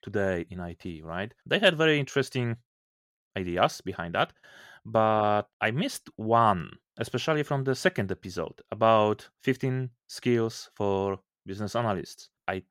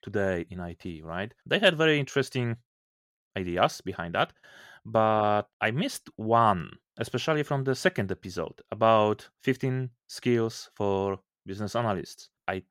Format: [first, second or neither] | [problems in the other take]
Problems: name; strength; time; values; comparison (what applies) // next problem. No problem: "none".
neither | none